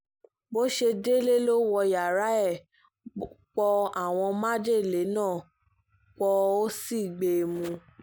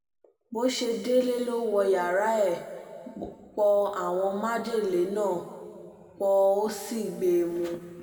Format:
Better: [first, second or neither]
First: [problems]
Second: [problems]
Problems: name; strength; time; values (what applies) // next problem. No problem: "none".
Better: first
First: none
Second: room echo; dies away in 2.2 s